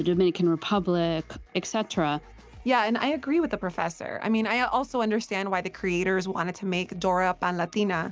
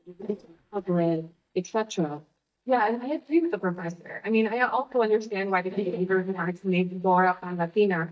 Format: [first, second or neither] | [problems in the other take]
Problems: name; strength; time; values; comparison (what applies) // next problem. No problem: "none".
first | noise reduction (neural mask model DeepFilterNet 3)